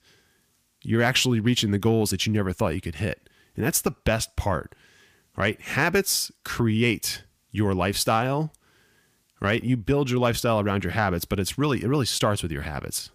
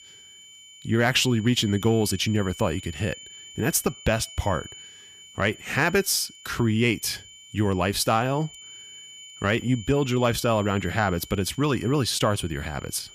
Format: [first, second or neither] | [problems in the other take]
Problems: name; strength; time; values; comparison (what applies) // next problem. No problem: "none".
first | high-pitched whine; noticeable; throughout; 3 kHz, 20 dB below the speech